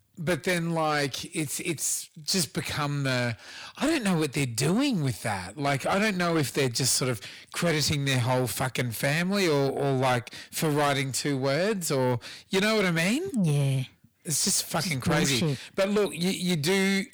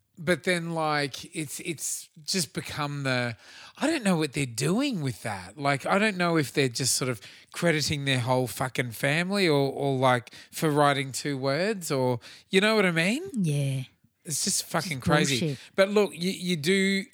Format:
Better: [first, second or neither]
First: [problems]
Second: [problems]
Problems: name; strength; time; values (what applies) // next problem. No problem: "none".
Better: second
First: distortion; heavy; 7 dB below the speech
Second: none